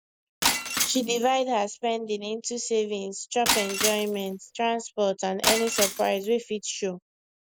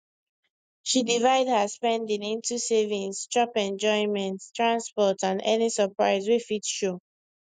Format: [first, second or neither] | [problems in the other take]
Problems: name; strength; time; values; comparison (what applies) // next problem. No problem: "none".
second | background sound (Shatter); 2 dB below the speech